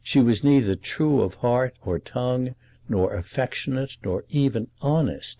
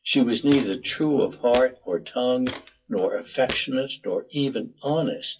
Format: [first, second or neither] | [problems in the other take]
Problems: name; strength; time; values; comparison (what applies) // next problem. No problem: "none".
first | noise reduction (classical method WPE with log-MMSE)